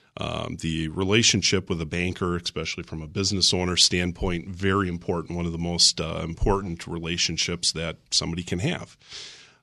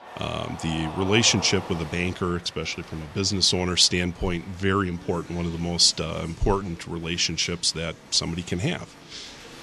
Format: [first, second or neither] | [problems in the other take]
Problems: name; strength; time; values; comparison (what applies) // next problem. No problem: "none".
first | crowd noise; noticeable; throughout; 20 dB below the speech